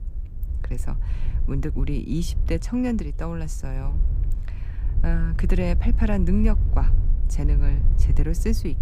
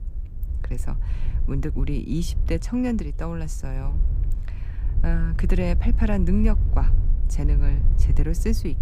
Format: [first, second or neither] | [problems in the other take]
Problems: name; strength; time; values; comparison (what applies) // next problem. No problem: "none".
neither | wind noise on the microphone; occasional gusts; 10 dB below the speech; the same in both